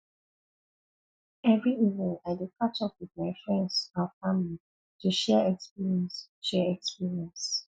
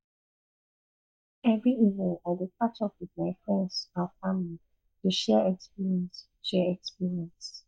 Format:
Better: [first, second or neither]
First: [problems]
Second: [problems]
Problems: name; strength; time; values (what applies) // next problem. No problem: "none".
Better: first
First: none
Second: noise reduction (neural mask model DeepFilterNet 3)